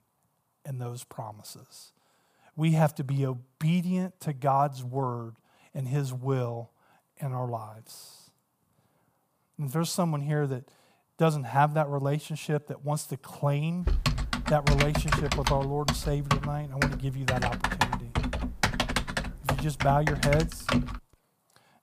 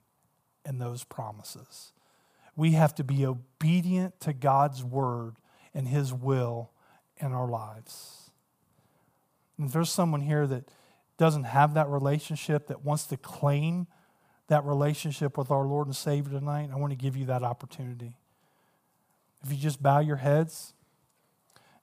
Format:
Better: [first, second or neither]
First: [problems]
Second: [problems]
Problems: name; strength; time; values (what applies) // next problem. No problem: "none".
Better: second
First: keyboard typing; loud; from 14 to 21 s; peak 3 dB above the speech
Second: none